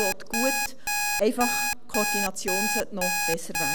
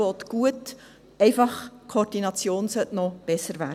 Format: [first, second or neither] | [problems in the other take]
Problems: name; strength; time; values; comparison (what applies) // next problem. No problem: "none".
second | background sound (Alarm); 3 dB above the speech